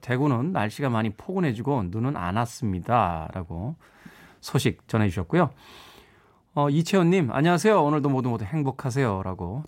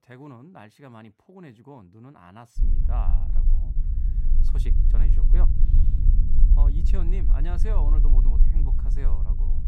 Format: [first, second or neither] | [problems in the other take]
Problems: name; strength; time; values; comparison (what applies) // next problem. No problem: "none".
first | low rumble; loud; from 2.5 s on; 2 dB below the speech